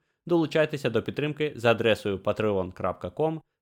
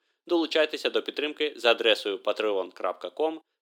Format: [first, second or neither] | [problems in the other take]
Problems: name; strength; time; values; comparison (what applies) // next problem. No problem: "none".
first | thin; somewhat; fading below 300 Hz